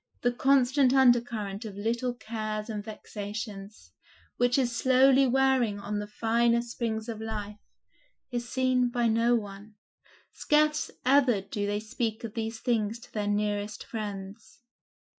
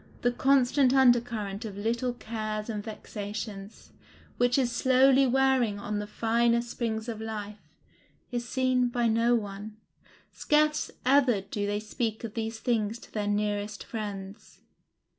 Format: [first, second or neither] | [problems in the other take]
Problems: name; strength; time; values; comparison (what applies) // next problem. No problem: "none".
second | noise reduction (classical method Wiener filter)